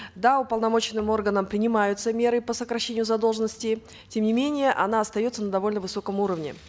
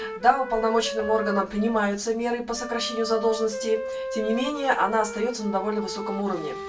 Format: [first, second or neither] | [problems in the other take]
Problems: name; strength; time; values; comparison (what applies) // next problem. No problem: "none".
first | background sound (Wind instrument, woodwind instrument); 9 dB below the speech // room echo; dies away in 0.2 s